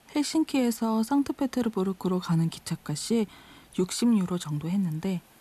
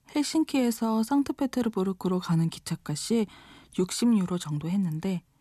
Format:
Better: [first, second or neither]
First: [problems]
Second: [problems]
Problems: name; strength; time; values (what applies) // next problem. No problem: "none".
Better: second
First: hiss; faint; throughout; 30 dB below the speech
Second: none